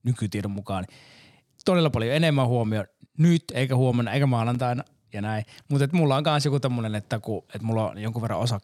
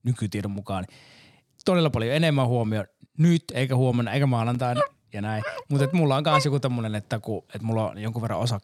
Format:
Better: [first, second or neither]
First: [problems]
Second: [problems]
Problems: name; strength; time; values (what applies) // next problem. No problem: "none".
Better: first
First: none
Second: dog barking; noticeable; from 5 to 6.5 s; peak 1 dB below the speech